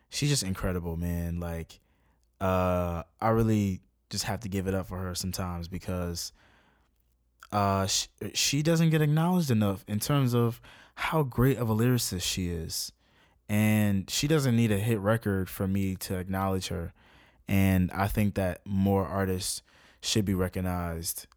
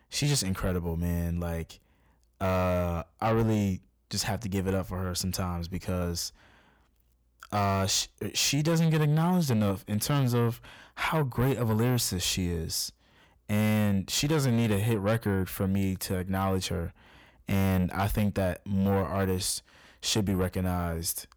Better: first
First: none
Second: distortion; slight; 10 dB below the speech

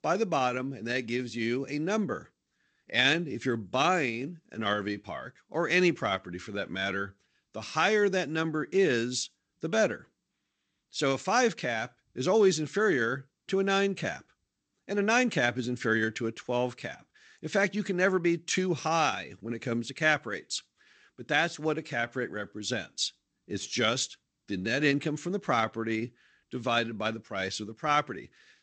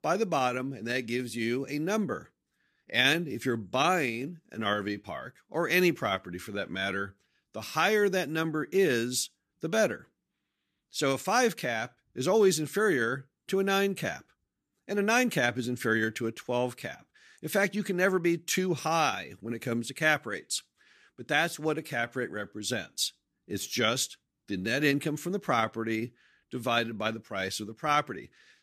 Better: second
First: garbled, watery; slightly; nothing above 8 kHz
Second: none

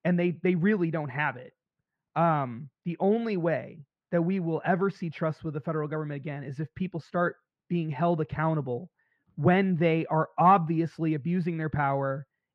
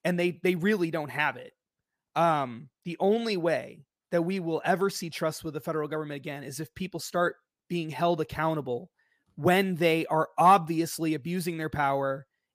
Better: second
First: muffled; very; fading above 2 kHz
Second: none

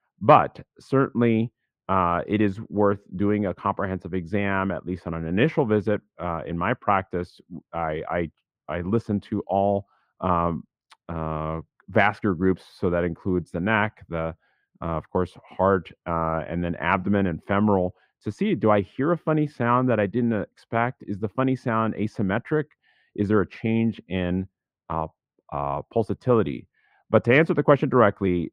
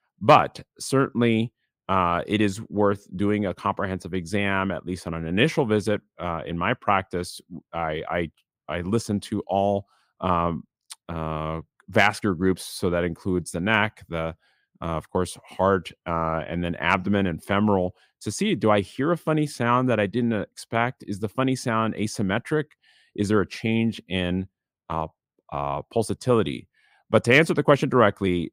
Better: second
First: muffled; very; fading above 4 kHz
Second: none

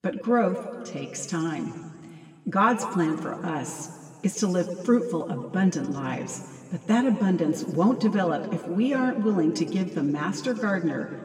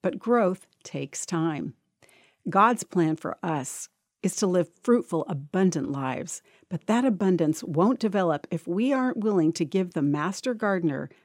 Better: second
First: room echo; slight; dies away in 1.9 s // off-mic speech; somewhat distant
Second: none

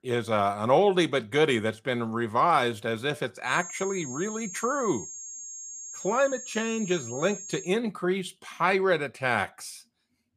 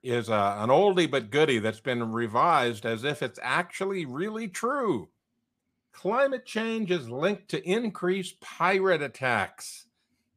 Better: second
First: high-pitched whine; noticeable; from 3.5 to 7.5 s; 6.5 kHz, 10 dB below the speech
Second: none

